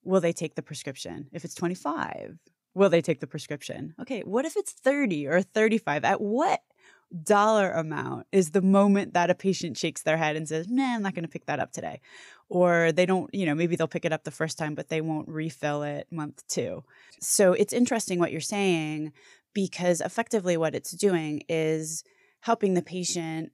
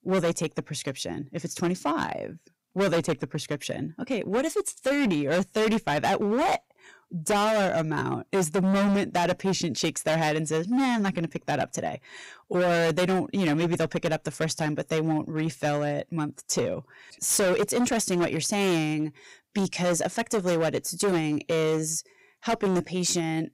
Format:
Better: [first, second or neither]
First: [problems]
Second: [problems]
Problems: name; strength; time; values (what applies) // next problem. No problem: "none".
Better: first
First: none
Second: distortion; heavy; 15% of the sound clipped